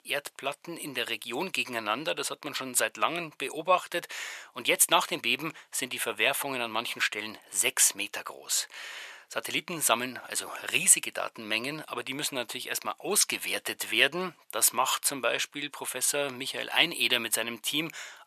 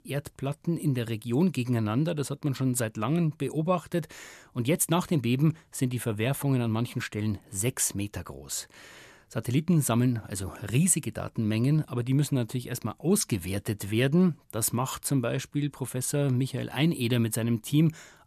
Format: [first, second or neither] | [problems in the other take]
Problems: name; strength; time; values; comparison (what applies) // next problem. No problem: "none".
second | thin; very; fading below 750 Hz